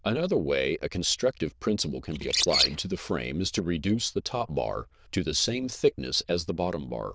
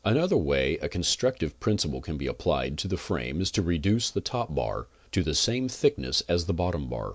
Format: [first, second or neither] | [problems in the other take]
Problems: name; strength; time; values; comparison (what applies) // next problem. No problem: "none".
second | noise reduction (neural diffusion model UNIVERSE++)